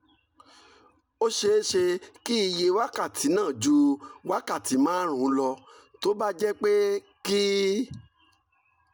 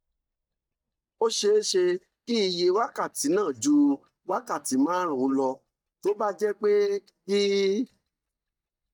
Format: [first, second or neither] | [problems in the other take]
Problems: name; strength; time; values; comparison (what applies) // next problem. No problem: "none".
first | noise reduction (neural mask model DeepFilterNet 3)